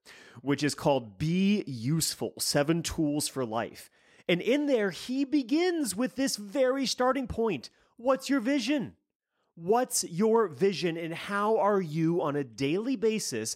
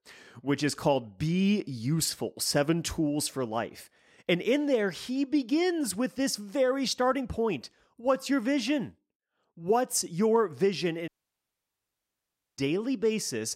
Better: first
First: none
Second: audio cutting out; at 11 s for 1.5 s

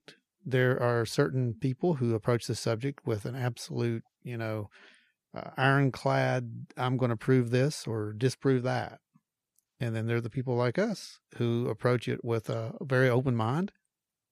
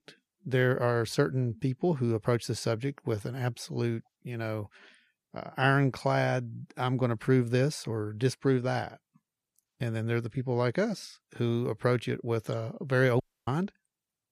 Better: first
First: none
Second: audio cutting out; at 13 s

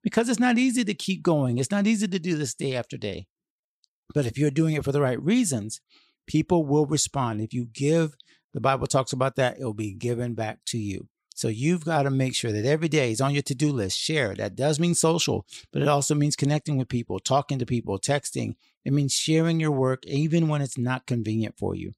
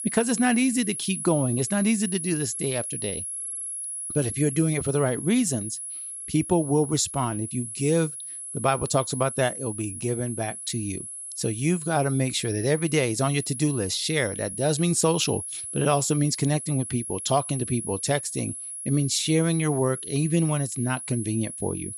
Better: first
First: none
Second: high-pitched whine; loud; throughout; 10.5 kHz, 7 dB below the speech

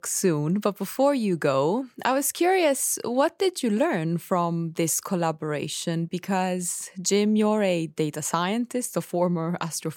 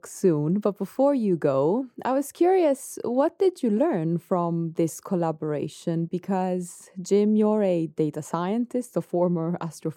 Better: first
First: none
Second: muffled; slightly; fading above 1.5 kHz

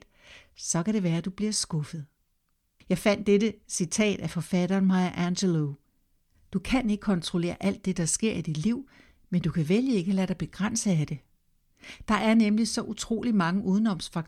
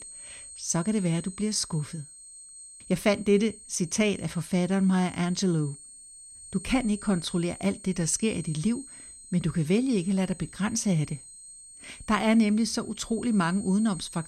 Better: first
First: none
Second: high-pitched whine; noticeable; throughout; 8.5 kHz, 15 dB below the speech

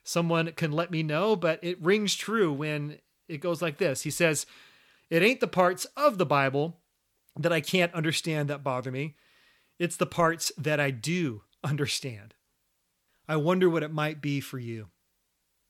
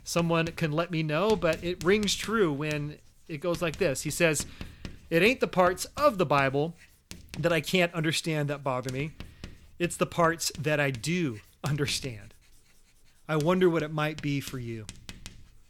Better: first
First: none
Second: household noises; noticeable; throughout; 20 dB below the speech

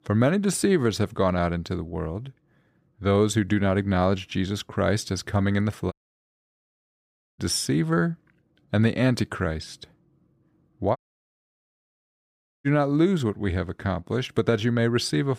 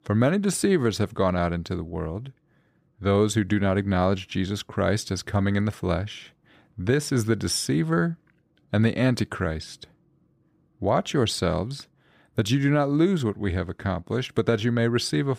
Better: second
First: audio cutting out; at 6 s for 1.5 s and at 11 s for 1.5 s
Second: none

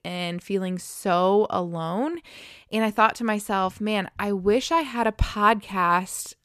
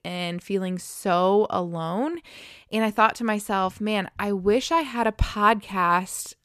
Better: neither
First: none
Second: none

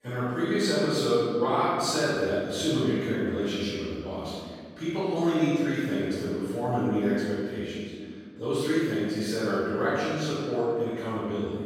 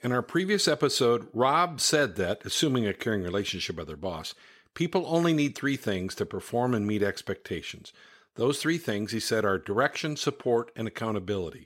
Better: second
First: off-mic speech; far // room echo; strong; dies away in 2.1 s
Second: none

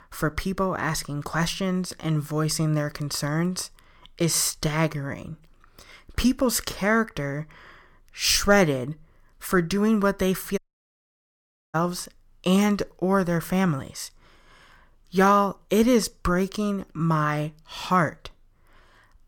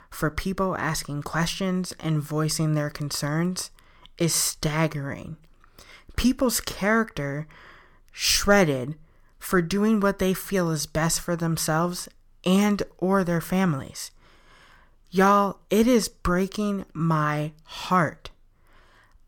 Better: second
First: audio cutting out; at 11 s for 1 s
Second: none

